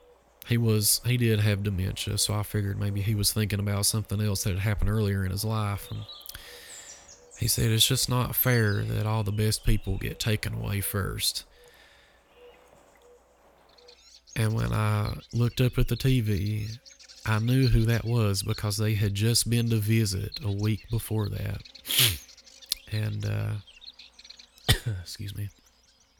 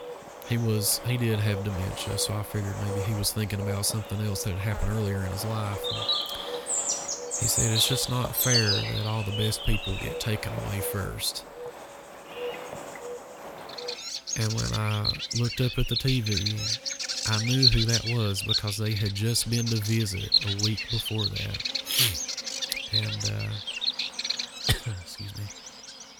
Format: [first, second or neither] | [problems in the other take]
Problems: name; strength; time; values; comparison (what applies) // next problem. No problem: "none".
first | animal sounds; loud; throughout; as loud as the speech; faint in the first